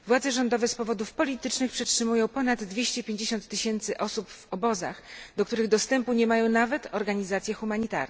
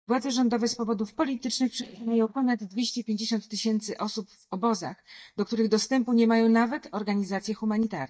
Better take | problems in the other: first | noise reduction (neural mask model DeepFilterNet 3)

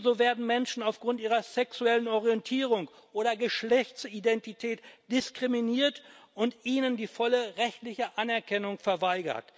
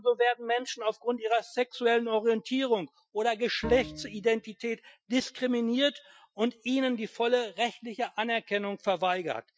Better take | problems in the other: first | noise reduction (classical method Wiener filter)

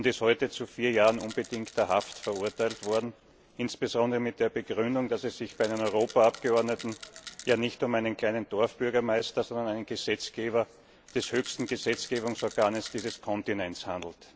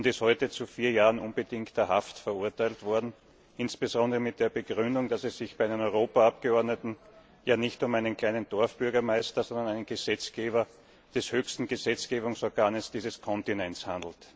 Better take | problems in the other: second | background sound (Rattle); 17 dB below the speech

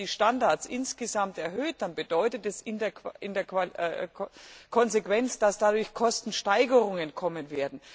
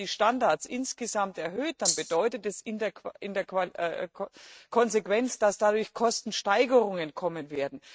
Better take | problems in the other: first | noise reduction (neural mask model RNNoise)

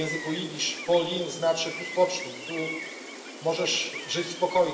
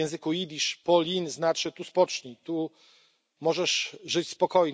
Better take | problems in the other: second | background sound (Gull, seagull); 10 dB below the speech // room echo; dies away in 0.9 s

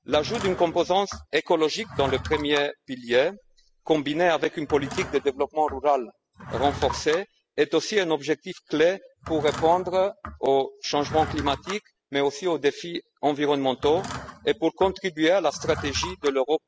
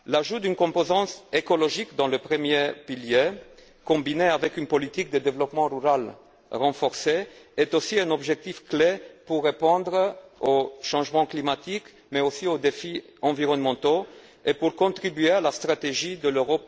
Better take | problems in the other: second | noise reduction (classical method spectral subtraction)

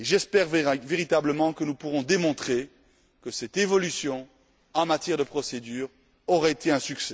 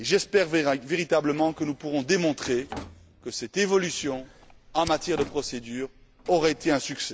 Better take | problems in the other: first | background sound (Drawer open or close + Fire); 19 dB below the speech

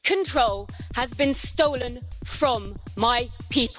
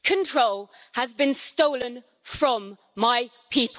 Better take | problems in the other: second | background sound (Drum kit); 11 dB below the speech

